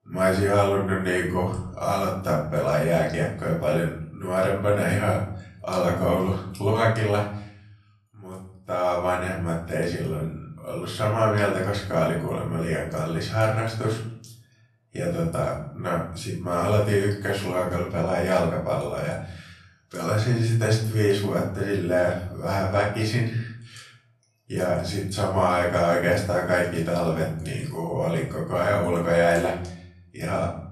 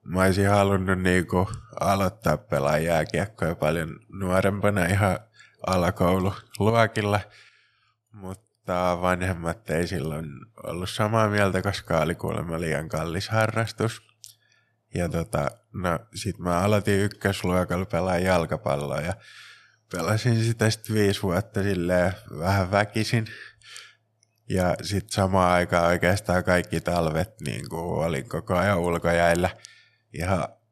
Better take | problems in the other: second | off-mic speech; far // room echo; noticeable; dies away in 0.6 s

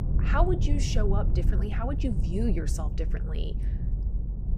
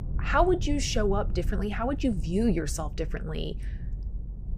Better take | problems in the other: second | low rumble; loud; throughout; 9 dB below the speech; faint in the second

